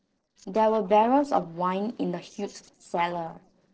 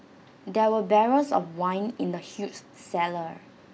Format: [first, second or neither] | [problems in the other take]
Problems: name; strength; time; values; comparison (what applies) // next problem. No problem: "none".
second | noise reduction (neural separator model SepFormer DNS4)